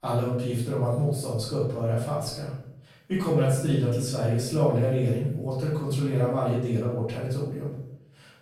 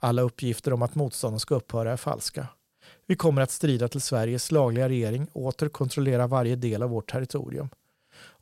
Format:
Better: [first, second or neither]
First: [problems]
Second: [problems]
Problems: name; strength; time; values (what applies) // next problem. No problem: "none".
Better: second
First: off-mic speech; far // room echo; noticeable; dies away in 0.7 s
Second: none